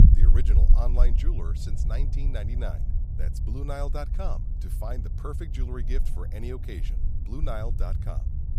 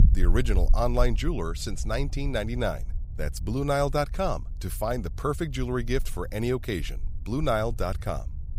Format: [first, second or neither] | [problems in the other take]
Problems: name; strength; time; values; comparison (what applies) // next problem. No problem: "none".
second | low rumble; loud; throughout; 6 dB below the speech; faint in the second